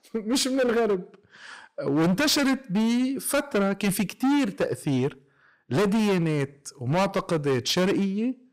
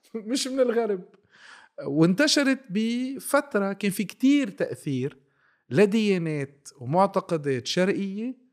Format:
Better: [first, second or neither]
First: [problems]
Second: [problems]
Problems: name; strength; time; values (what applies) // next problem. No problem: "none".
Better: second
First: distortion; heavy; 17% of the sound clipped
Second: none